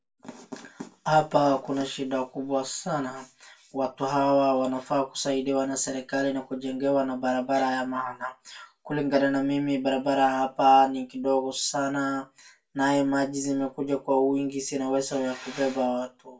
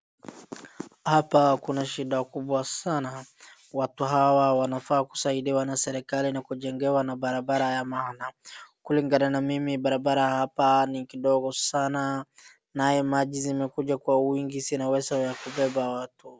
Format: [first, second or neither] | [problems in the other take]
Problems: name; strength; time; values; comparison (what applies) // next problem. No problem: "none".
second | room echo; dies away in 0.2 s